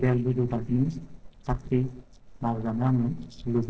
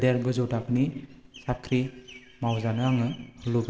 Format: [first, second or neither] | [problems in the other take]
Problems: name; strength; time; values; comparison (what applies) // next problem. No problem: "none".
second | noise reduction (neural separator model SepFormer DNS4)